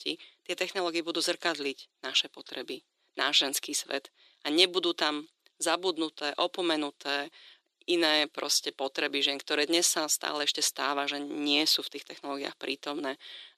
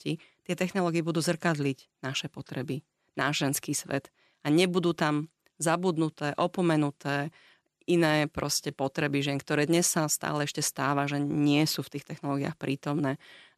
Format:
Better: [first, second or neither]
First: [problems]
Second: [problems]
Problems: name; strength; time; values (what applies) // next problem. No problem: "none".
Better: second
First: thin; somewhat; fading below 350 Hz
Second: none